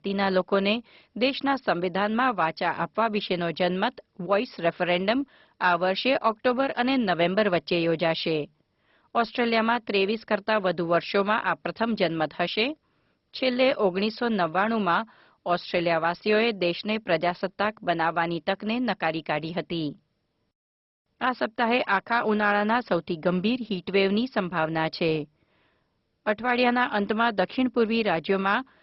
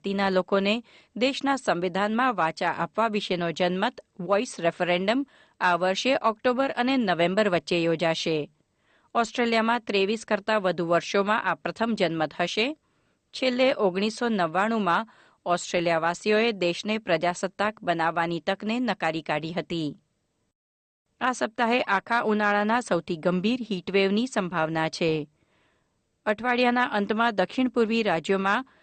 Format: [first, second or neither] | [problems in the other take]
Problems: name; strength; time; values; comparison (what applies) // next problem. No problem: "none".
second | garbled, watery; badly; nothing above 5 kHz; slightly in the second